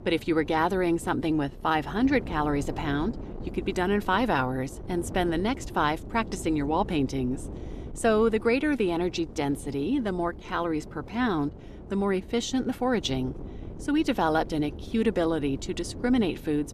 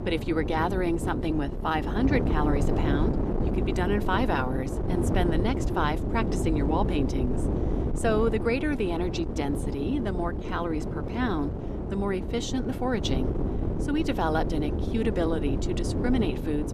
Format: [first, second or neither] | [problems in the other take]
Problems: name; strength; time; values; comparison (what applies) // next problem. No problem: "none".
first | wind noise on the microphone; heavy; 5 dB below the speech; occasional gusts in the first